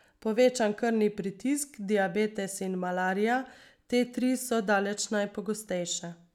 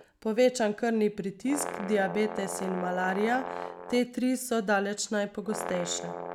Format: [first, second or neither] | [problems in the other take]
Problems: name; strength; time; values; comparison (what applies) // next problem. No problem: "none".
first | background sound (Brass instrument); 10 dB below the speech